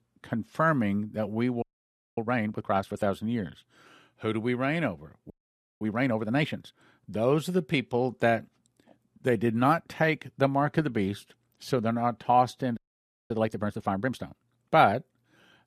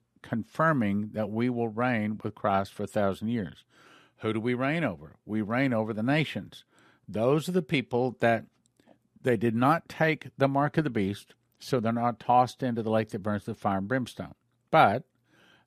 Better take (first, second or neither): second